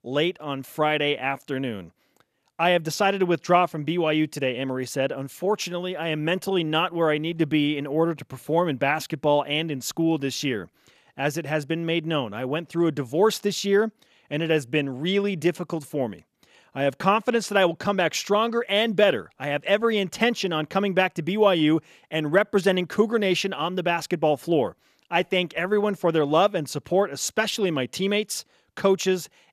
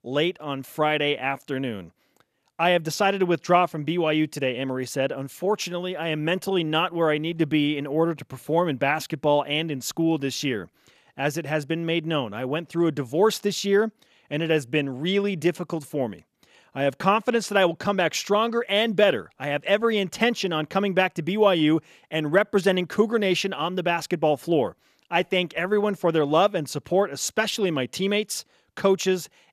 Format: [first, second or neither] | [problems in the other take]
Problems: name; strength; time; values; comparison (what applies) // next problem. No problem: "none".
neither | none